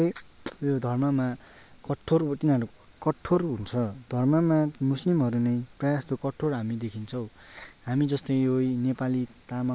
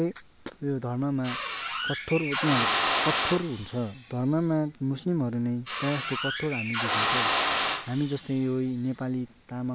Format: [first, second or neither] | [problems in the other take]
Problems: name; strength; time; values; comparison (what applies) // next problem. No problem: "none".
first | background sound (Drill); 1 dB below the speech